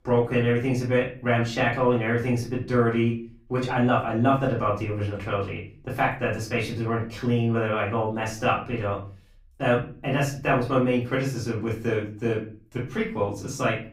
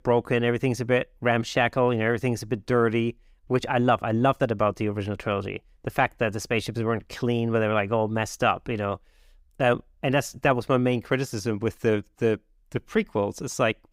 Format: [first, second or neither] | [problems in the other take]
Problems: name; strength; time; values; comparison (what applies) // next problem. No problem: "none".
second | off-mic speech; far // room echo; slight; dies away in 0.4 s